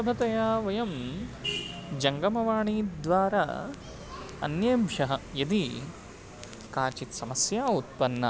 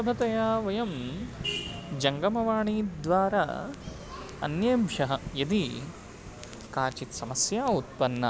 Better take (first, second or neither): first